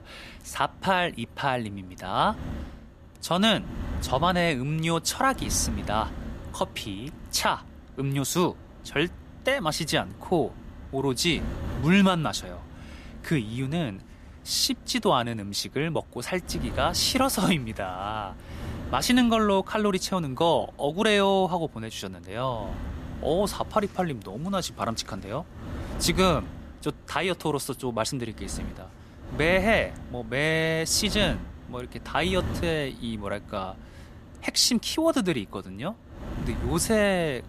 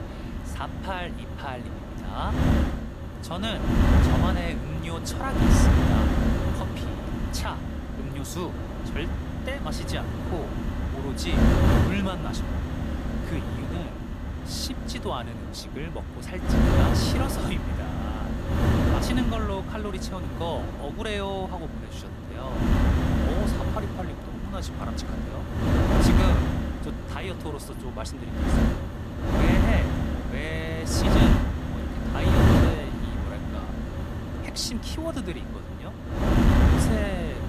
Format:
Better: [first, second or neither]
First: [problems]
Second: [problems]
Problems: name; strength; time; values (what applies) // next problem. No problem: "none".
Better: first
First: wind noise on the microphone; occasional gusts; 20 dB below the speech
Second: wind noise on the microphone; heavy; 3 dB above the speech